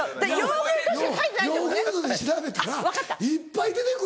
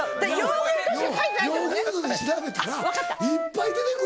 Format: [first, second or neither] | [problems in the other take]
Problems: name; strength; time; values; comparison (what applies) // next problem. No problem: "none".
first | background sound (Wind instrument, woodwind instrument); 6 dB below the speech